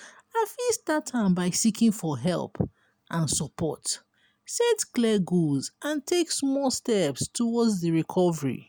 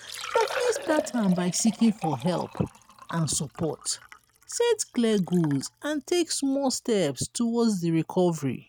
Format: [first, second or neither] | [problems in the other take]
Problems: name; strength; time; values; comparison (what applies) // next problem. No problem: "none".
first | noise reduction (neural mask model RNNoise)